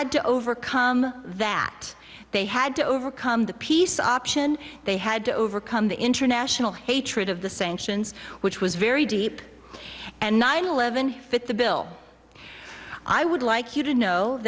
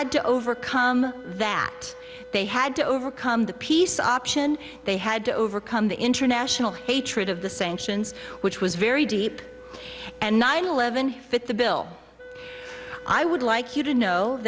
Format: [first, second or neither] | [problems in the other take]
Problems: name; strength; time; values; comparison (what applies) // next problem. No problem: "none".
first | background sound (Wind instrument, woodwind instrument); 19 dB below the speech